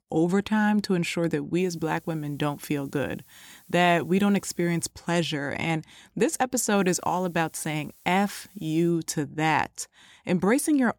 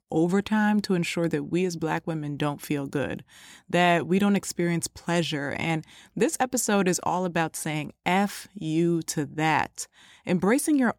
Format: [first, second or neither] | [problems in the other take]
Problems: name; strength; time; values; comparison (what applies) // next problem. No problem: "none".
second | hiss; faint; from 1.5 to 5 s and from 7 to 9 s; 30 dB below the speech